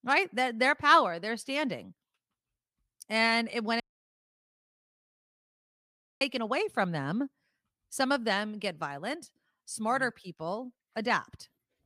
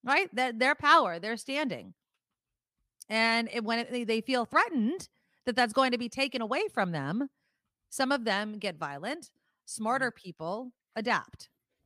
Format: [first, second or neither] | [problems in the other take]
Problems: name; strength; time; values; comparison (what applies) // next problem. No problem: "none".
second | audio cutting out; at 4 s for 2.5 s